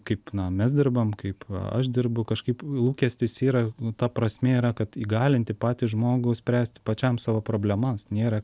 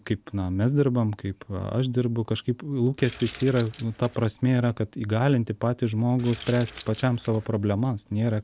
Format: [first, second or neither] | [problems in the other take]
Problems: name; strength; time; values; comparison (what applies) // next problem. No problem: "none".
first | background sound (Keys jangling); 18 dB below the speech